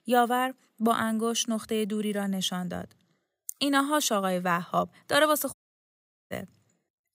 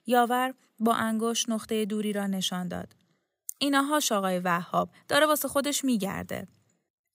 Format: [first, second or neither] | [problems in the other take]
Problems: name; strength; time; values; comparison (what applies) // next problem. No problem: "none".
second | audio cutting out; at 5.5 s for 1 s